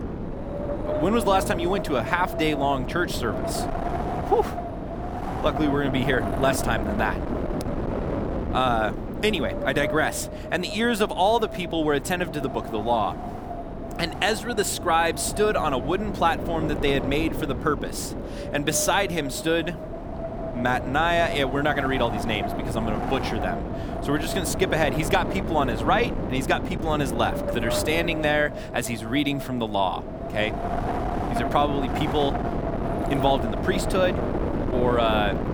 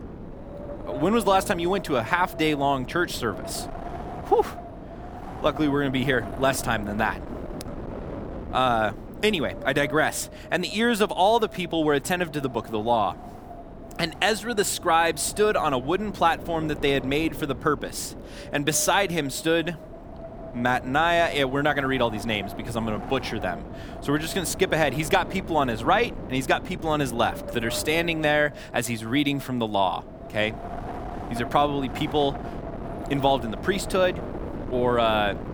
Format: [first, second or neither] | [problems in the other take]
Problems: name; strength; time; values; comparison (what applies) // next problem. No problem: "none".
second | wind noise on the microphone; heavy; 7 dB below the speech; occasional gusts in the second